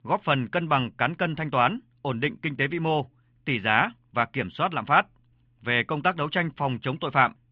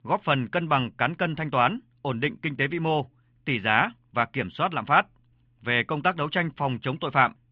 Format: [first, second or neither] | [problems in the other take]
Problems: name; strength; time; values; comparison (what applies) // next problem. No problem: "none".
neither | muffled; very; fading above 3 kHz; the same in both